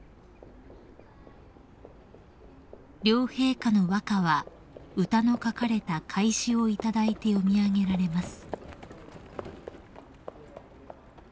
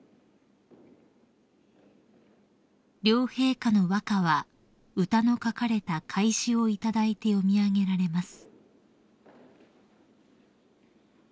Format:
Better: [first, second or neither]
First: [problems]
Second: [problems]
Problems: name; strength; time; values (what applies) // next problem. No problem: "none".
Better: second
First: background sound (Livestock, farm animals, working animals); 16 dB below the speech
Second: none